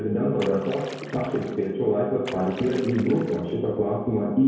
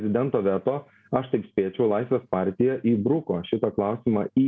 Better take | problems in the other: second | background sound (Splash, splatter); 17 dB below the speech // room echo; dies away in 1.2 s

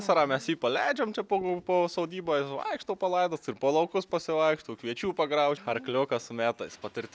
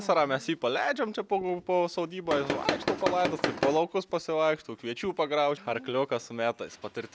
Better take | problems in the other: first | background sound (Tools); 1 dB below the speech

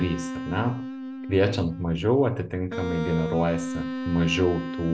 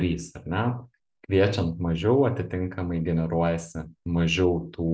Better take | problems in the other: second | background sound (Wind instrument, woodwind instrument); 7 dB below the speech

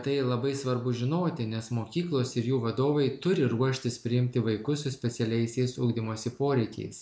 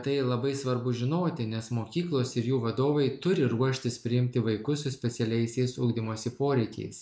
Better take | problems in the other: first | noise reduction (neural mask model Resemble Enhance denoiser)

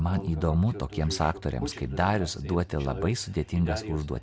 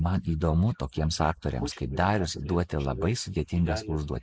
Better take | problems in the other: first | noise reduction (neural mask model Resemble Enhance denoiser)

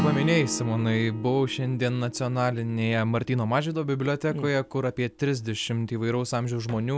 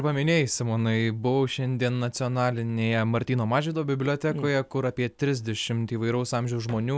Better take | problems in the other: second | background sound (Acoustic guitar / Strum); 11 dB below the speech

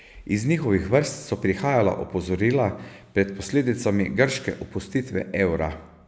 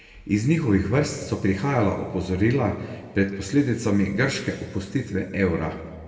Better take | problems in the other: first | room echo; dies away in 1.5 s

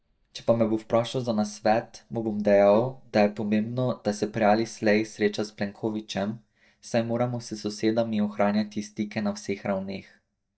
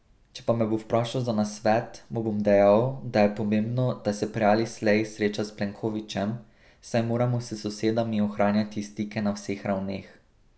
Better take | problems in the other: second | noise reduction (neural mask model DeepFilterNet 3)

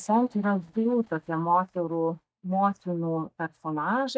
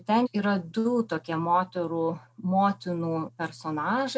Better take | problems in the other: second | noise reduction (neural mask model DeepFilterNet 3)

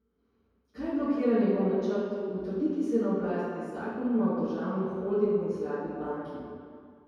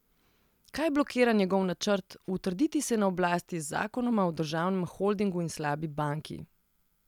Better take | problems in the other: second | room echo; dies away in 2.2 s

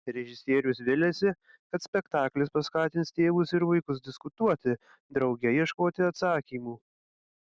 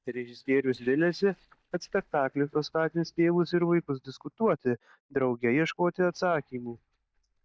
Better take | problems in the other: first | noise reduction (neural mask model DeepFilterNet 3)

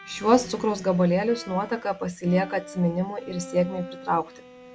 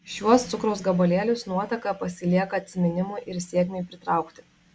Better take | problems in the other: second | background sound (Bowed string instrument); 17 dB below the speech

